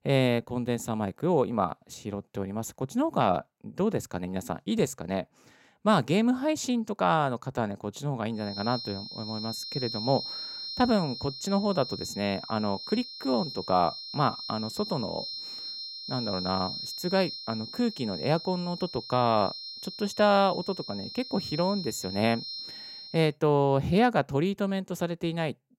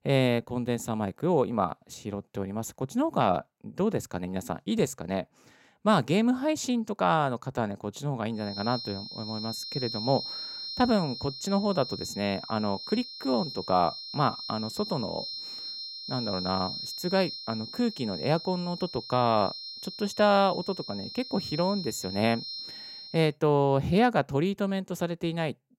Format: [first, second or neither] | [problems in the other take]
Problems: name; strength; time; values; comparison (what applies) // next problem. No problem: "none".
neither | high-pitched whine; loud; from 8.5 to 23 s; 4 kHz, 8 dB below the speech; the same in both